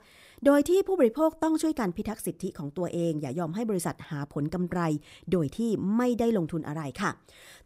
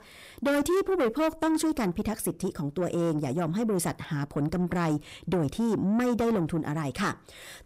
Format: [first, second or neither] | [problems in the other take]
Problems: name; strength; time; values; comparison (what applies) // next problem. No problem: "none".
first | distortion; heavy; 7 dB below the speech